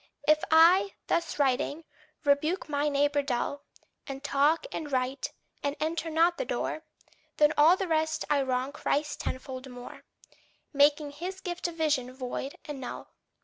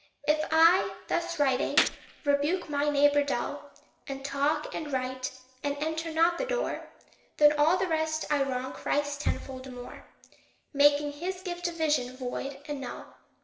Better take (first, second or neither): first